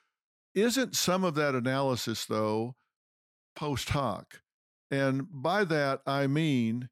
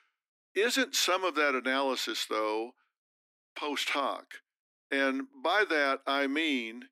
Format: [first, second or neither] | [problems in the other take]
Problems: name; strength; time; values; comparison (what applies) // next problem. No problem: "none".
first | thin; very slightly; fading below 250 Hz